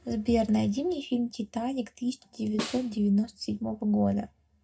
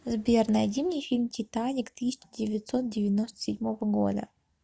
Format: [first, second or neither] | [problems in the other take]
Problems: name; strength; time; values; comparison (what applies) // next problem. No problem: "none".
second | background sound (Snare drum); 12 dB below the speech // room echo; dies away in 0.2 s